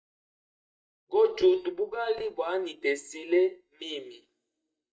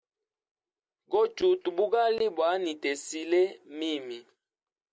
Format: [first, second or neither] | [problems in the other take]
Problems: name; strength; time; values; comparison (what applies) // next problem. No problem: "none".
second | noise reduction (neural mask model DeepFilterNet 3)